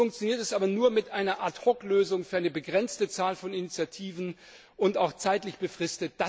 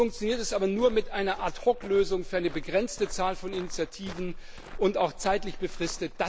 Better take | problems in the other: first | background sound (Walk, footsteps); 9 dB below the speech

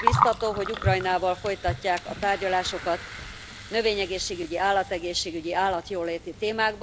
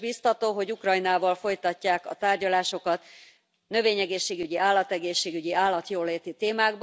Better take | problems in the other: second | background sound (Gurgling); 5 dB below the speech

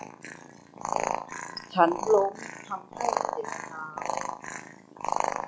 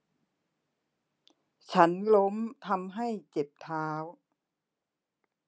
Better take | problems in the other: second | noise reduction (classical method log-MMSE)

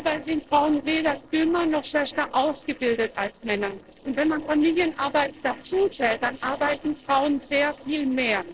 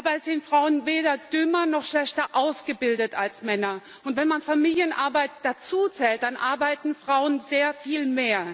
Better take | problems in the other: second | noise reduction (neural separator model SepFormer DNS4)

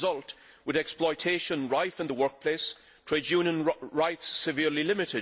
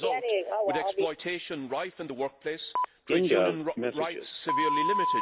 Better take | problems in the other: first | background sound (Telephone); 4 dB above the speech

